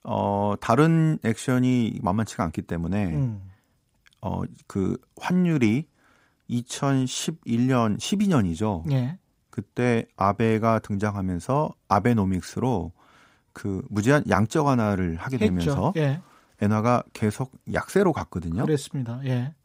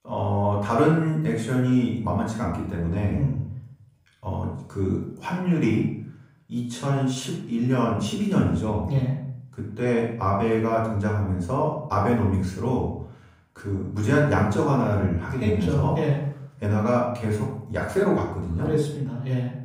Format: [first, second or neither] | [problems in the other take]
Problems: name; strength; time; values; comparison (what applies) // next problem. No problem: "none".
first | off-mic speech; far // room echo; noticeable; dies away in 0.6 s